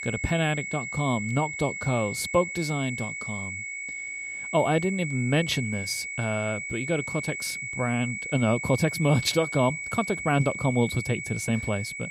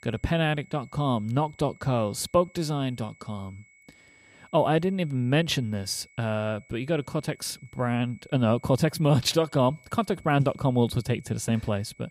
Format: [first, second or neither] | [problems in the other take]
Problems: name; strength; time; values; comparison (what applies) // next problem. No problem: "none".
second | high-pitched whine; loud; throughout; 2 kHz, 5 dB below the speech; faint in the second